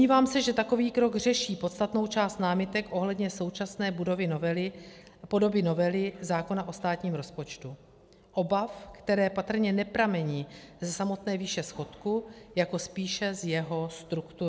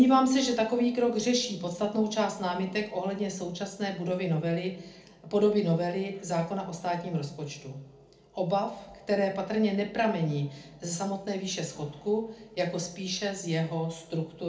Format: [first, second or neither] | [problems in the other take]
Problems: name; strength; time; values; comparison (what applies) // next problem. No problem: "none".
first | room echo; dies away in 0.3 s